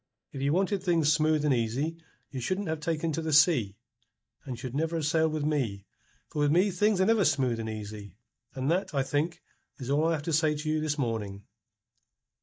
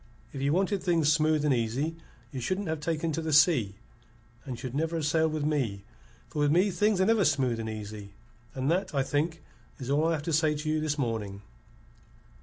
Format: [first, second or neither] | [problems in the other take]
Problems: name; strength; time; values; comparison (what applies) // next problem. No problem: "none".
second | noise reduction (neural mask model DeepFilterNet 3)